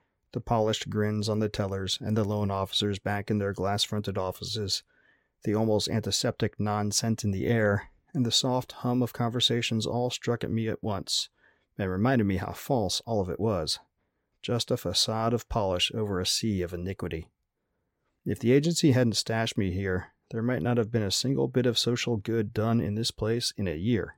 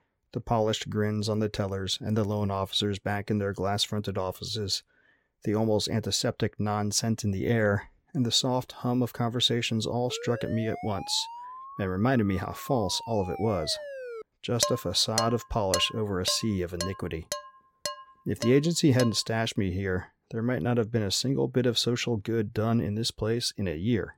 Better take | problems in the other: first | siren; faint; from 10 to 14 s; peak 10 dB below the speech // clattering dishes; noticeable; from 15 to 19 s; peak 1 dB below the speech

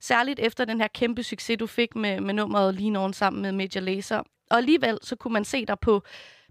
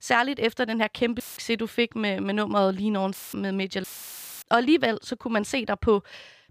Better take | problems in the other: first | audio cutting out; filled with static; at 1 s, at 3 s and at 4 s for 0.5 s

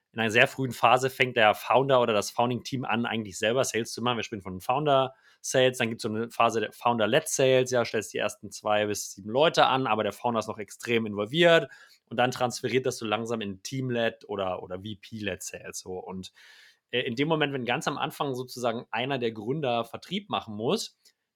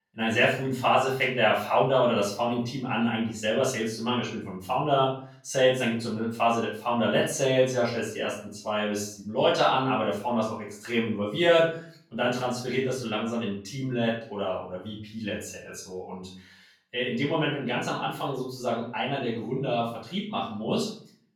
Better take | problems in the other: first | off-mic speech; far // room echo; noticeable; dies away in 0.4 s

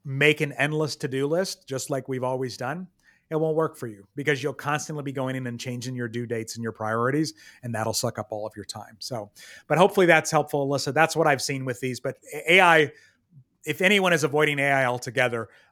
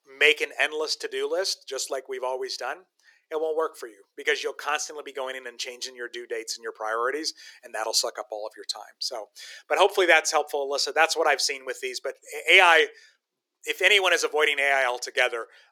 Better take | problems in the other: first | thin; very; fading below 400 Hz

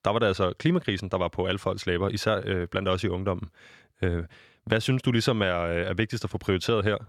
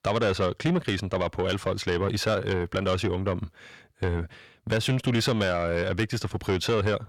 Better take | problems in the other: first | distortion; slight; 10 dB below the speech

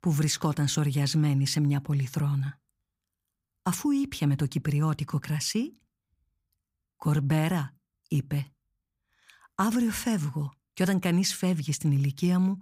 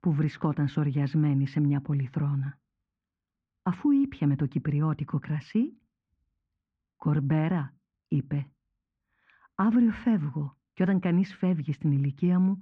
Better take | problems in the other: first | muffled; very; fading above 2 kHz

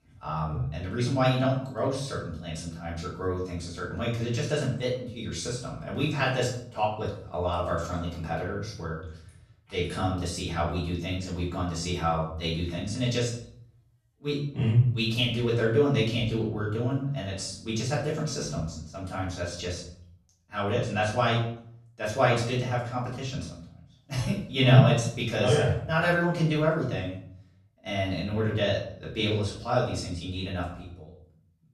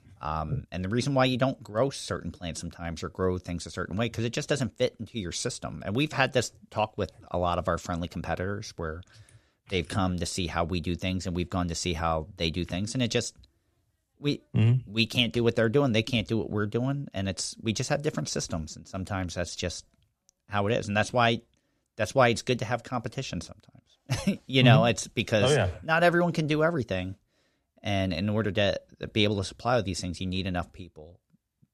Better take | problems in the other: second | off-mic speech; far // room echo; noticeable; dies away in 0.5 s

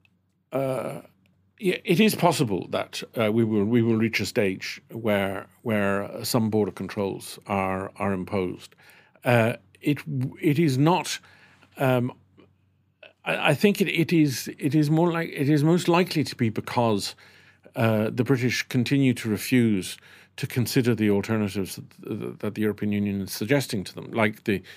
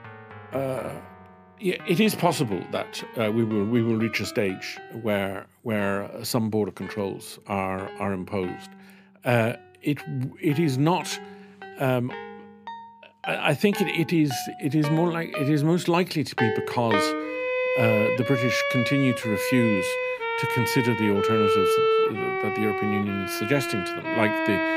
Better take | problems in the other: first | background music; loud; throughout; as loud as the speech

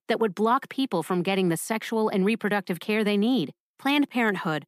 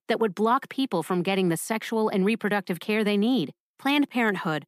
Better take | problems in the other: neither | none

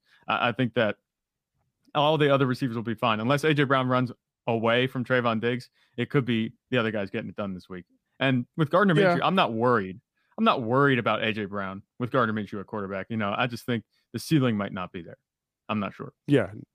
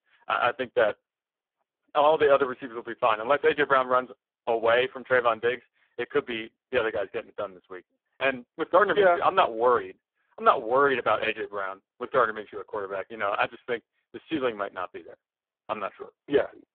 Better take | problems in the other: first | phone-call audio; poor line

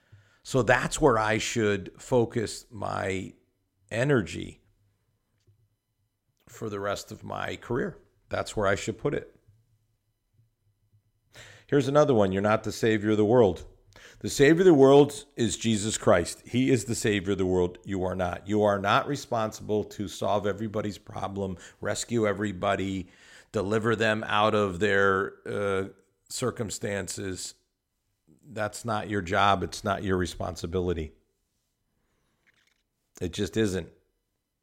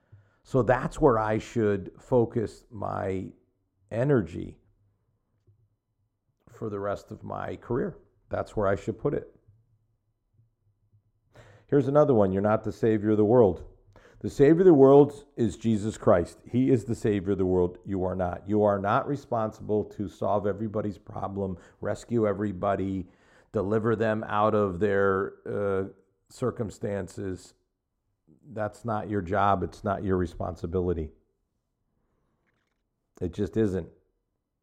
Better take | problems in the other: first | muffled; slightly; fading above 1.5 kHz

